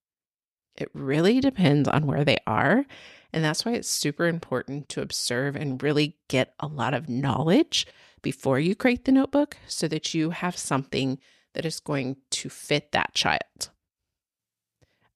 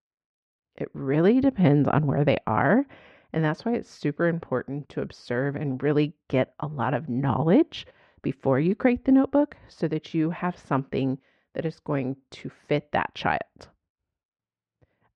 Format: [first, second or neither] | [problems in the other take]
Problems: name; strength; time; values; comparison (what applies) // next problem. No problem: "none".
first | muffled; very; fading above 1.5 kHz